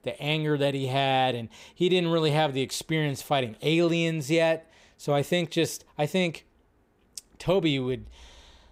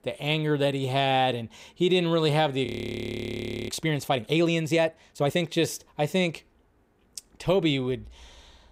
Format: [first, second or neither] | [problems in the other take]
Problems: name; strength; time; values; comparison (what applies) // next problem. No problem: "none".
first | audio freezing; at 2.5 s for 1 s